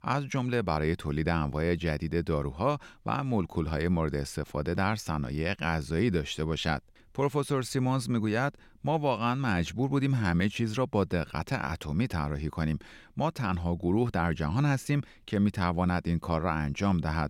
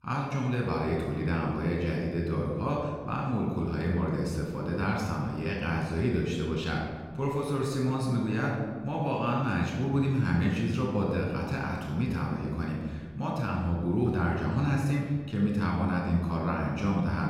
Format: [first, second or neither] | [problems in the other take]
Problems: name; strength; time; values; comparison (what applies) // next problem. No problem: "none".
first | off-mic speech; somewhat distant // room echo; noticeable; dies away in 1.5 s